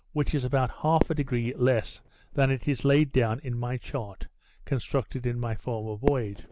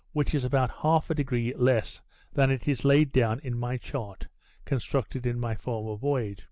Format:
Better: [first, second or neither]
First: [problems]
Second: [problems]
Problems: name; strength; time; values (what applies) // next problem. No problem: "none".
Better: second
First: background sound (Fireworks); 11 dB below the speech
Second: none